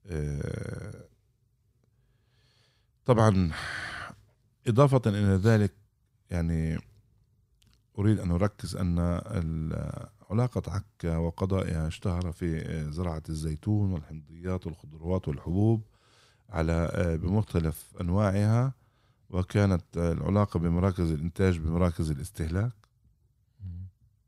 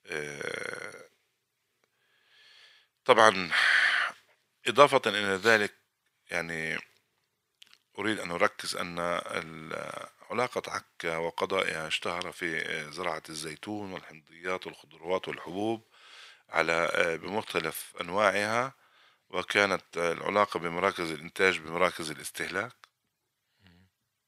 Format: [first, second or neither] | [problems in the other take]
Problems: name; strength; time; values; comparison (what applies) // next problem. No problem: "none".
first | thin; very; fading below 500 Hz